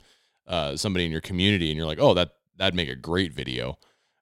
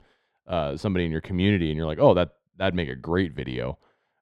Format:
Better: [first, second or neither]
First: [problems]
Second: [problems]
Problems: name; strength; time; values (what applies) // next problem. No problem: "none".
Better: first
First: none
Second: muffled; very; fading above 3 kHz